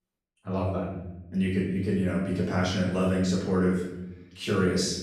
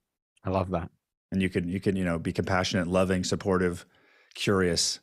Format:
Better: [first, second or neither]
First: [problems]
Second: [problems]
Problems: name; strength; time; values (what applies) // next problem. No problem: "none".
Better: second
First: off-mic speech; far // room echo; noticeable; dies away in 0.9 s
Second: none